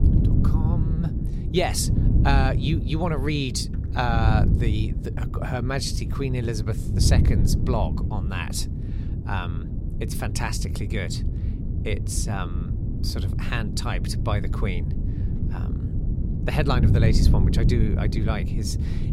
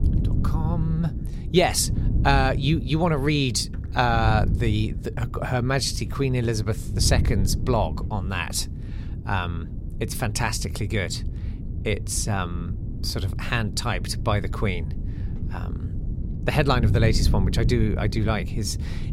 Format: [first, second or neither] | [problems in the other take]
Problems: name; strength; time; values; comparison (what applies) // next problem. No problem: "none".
second | wind noise on the microphone; heavy; 7 dB below the speech; occasional gusts in the second